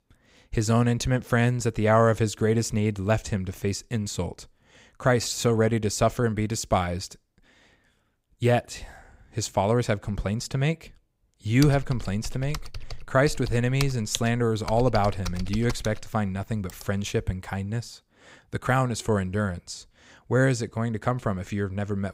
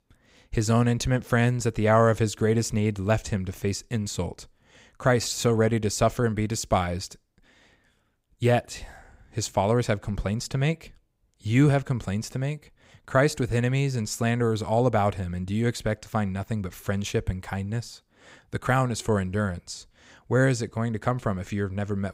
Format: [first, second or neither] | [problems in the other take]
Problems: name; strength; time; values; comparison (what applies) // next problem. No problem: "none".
second | keyboard typing; noticeable; from 12 to 17 s; peak 7 dB below the speech